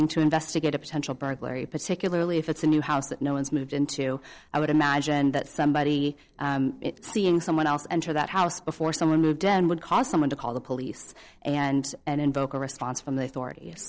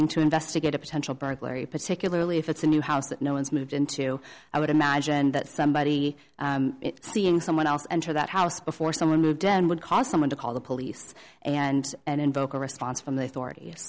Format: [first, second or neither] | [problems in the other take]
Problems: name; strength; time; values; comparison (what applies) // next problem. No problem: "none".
second | noise reduction (neural separator model SepFormer DNS4)